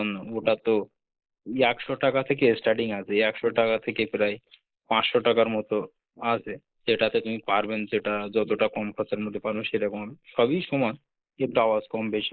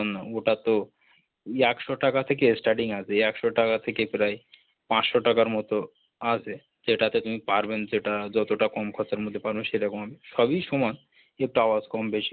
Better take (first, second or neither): second